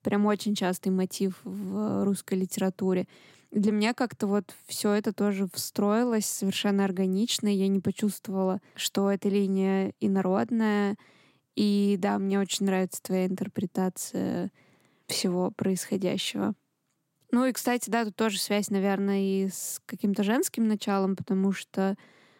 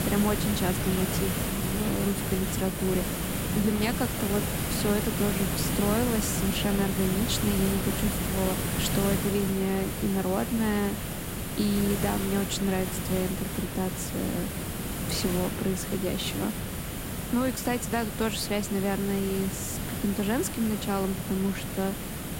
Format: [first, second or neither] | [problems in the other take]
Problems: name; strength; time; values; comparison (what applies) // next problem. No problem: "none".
first | hiss; loud; throughout; 1 dB below the speech